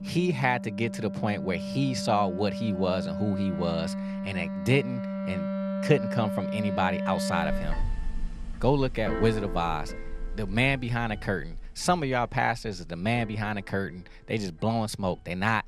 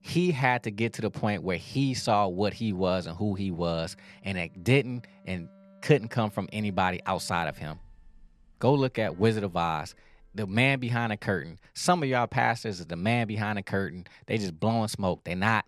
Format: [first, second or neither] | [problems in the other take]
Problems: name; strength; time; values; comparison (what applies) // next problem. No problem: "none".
second | background music; loud; throughout; 5 dB below the speech; faint in the second